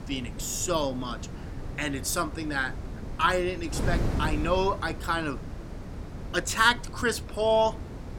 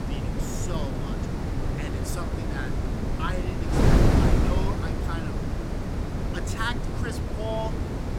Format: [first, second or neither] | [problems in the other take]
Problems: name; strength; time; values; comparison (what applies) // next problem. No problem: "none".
first | wind noise on the microphone; heavy; 2 dB above the speech; occasional gusts in the first